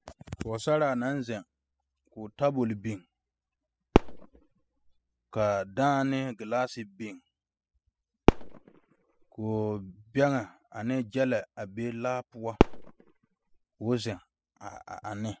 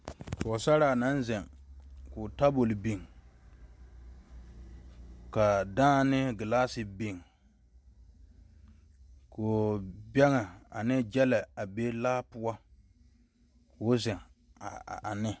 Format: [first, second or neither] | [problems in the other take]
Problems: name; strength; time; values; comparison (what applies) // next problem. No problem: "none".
second | noise reduction (classical method spectral subtraction)